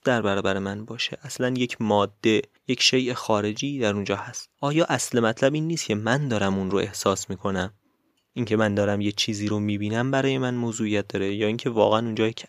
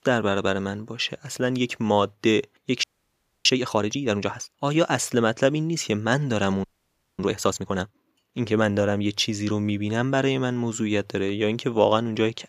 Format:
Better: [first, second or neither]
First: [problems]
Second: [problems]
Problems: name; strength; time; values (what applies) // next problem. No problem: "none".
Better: first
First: none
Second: audio freezing; at 3 s for 0.5 s and at 6.5 s for 0.5 s